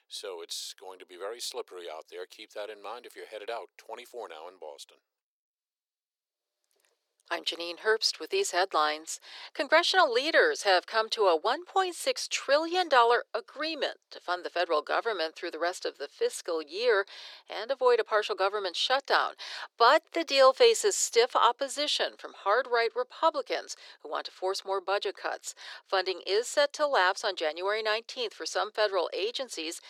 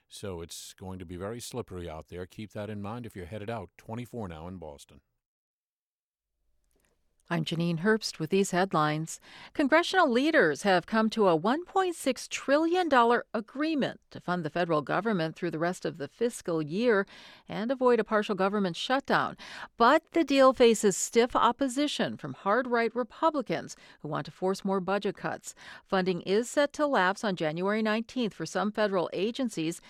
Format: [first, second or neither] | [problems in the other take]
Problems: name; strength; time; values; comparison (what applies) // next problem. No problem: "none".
second | thin; very; fading below 400 Hz